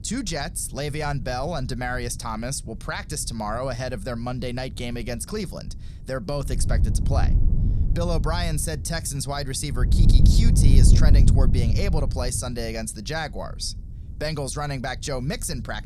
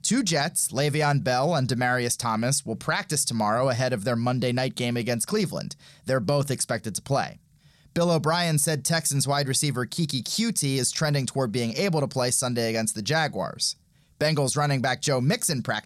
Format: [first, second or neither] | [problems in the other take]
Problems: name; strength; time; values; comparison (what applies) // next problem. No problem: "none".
second | wind noise on the microphone; heavy; 6 dB below the speech